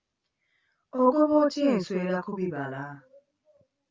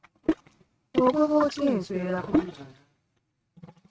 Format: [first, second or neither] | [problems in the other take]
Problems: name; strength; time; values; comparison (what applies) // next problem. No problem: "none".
first | noise reduction (neural mask model RNNoise)